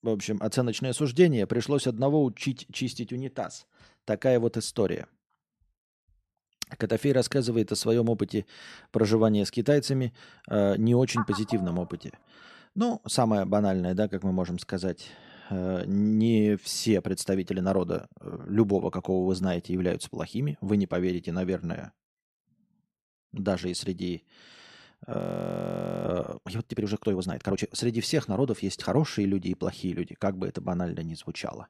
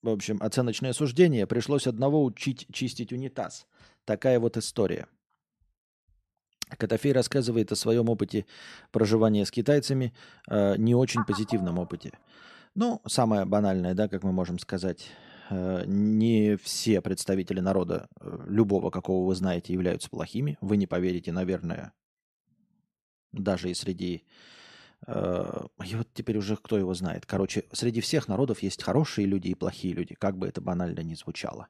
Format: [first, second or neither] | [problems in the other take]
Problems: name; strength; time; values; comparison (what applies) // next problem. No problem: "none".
second | audio freezing; at 25 s for 1 s